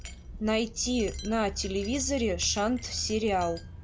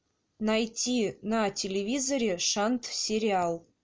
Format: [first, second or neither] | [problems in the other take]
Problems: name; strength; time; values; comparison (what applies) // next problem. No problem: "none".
second | background sound (Wind chime); 10 dB below the speech